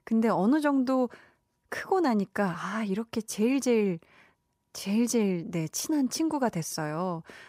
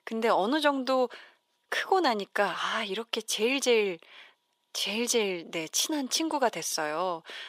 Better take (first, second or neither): first